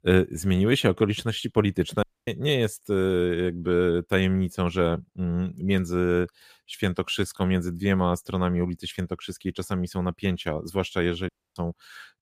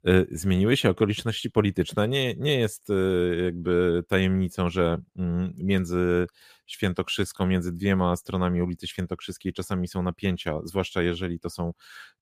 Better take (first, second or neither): second